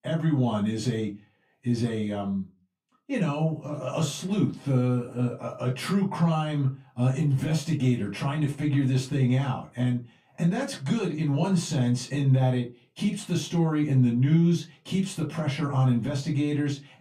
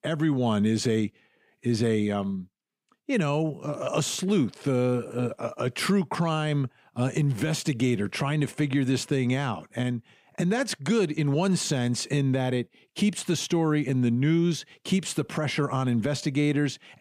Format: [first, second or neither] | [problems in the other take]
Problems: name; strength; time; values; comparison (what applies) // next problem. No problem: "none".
second | off-mic speech; far // room echo; very slight; dies away in 0.2 s